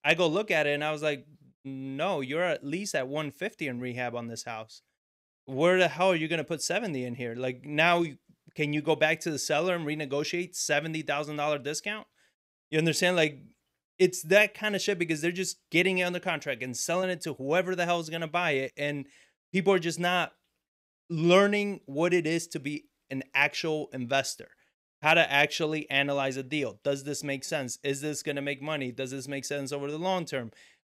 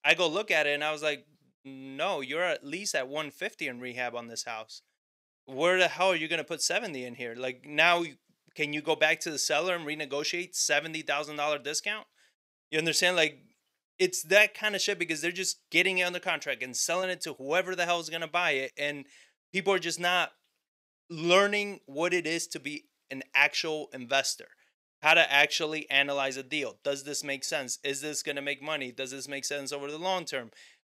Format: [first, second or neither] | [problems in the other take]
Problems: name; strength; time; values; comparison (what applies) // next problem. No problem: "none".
first | thin; very slightly; fading below 600 Hz